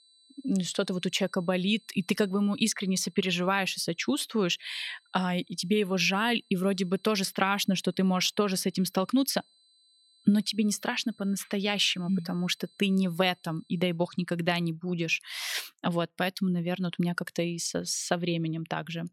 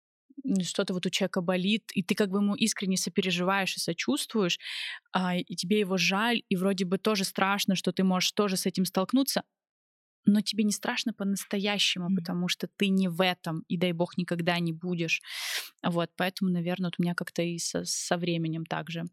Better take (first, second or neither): second